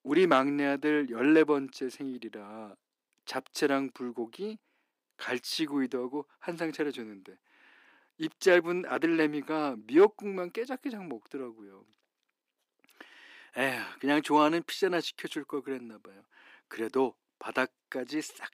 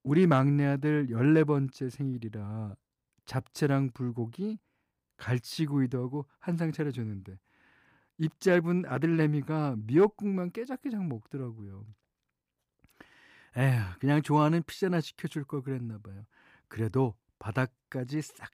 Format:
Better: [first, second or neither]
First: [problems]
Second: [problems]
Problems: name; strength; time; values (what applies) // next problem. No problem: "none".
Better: second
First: thin; somewhat; fading below 300 Hz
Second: none